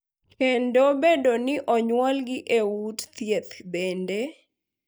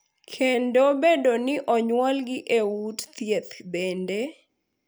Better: second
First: noise reduction (neural mask model DeepFilterNet 3)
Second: none

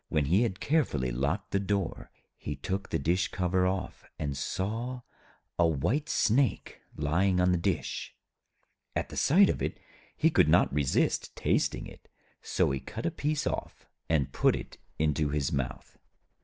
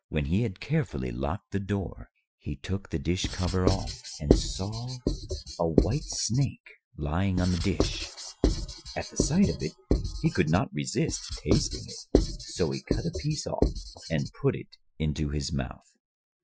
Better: first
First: none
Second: noise reduction (classical method Wiener filter)

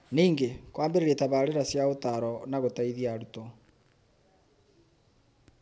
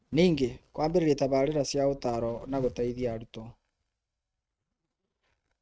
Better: first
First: none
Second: noise reduction (neural mask model RNNoise)

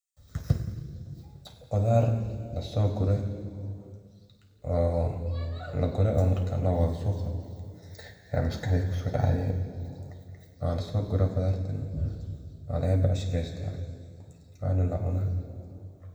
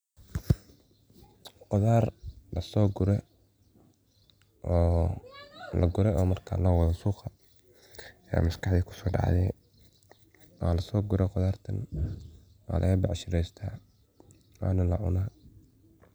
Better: second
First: room echo; dies away in 2.2 s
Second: none

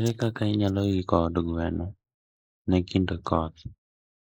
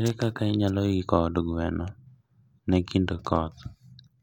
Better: second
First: noise reduction (neural mask model Resemble Enhance denoiser)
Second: none

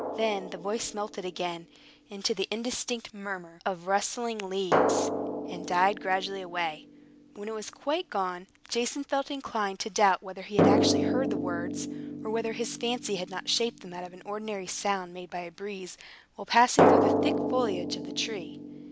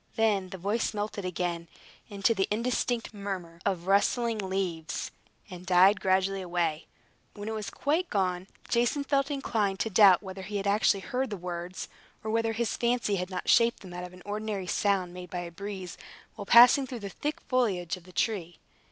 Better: second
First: background sound (Drum); as loud as the speech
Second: none

